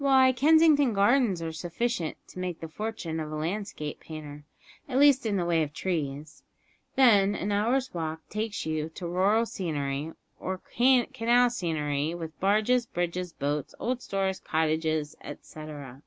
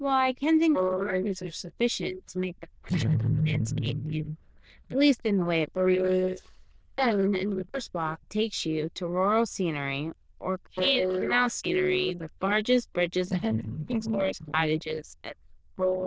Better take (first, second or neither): first